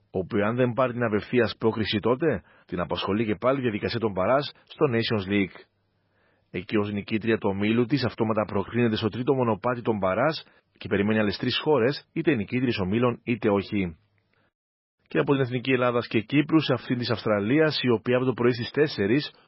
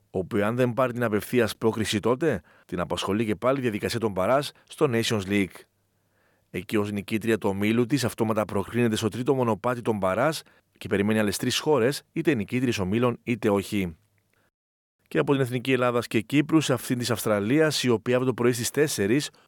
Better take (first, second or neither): second